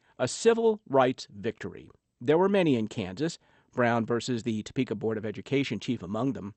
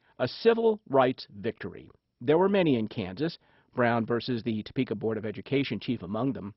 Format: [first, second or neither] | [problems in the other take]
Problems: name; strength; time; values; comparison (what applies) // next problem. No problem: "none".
first | garbled, watery; badly; nothing above 5.5 kHz; slightly in the first